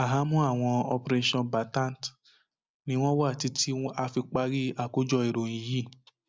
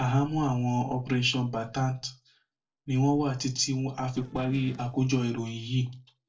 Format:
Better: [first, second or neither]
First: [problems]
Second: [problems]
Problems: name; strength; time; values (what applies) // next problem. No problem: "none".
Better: first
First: none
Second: noise reduction (neural separator model SepFormer DNS4)